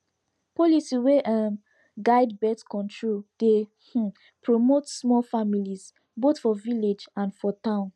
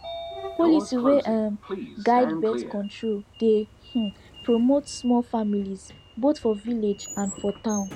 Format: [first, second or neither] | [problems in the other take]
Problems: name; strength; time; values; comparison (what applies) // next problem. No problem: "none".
first | background sound (Sliding door); 12 dB below the speech